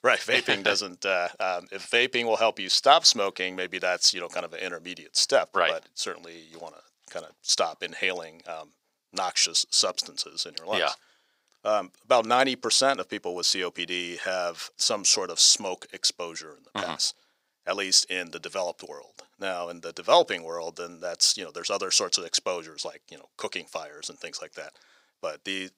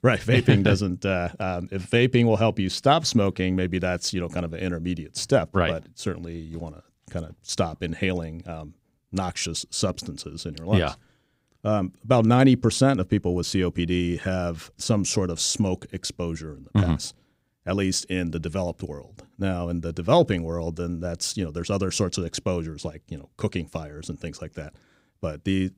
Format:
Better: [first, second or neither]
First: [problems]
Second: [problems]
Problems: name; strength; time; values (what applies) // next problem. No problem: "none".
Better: second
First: thin; very; fading below 750 Hz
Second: none